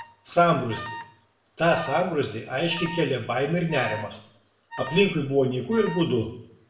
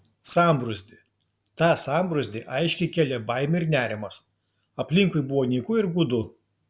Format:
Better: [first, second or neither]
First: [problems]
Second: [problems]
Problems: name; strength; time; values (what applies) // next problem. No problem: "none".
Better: second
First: background sound (Alarm); 15 dB below the speech // room echo; dies away in 0.6 s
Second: none